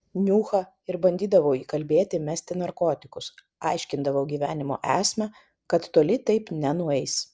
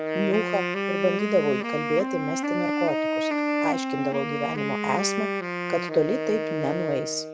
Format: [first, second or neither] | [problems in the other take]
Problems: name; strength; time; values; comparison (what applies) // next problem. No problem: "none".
first | background sound (Wind instrument, woodwind instrument); as loud as the speech